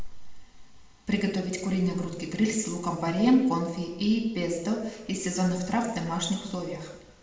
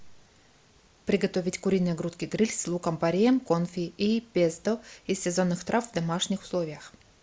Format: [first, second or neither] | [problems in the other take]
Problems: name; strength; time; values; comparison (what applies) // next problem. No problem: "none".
second | room echo; dies away in 0.9 s